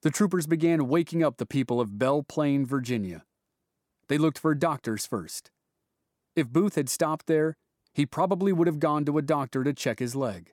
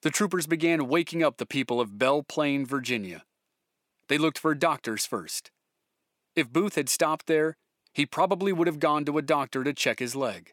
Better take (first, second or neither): first